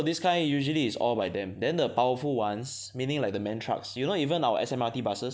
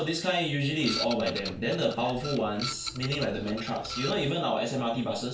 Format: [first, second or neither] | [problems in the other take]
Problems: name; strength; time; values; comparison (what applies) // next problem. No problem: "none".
first | background sound (Printer); 9 dB below the speech // room echo; dies away in 0.3 s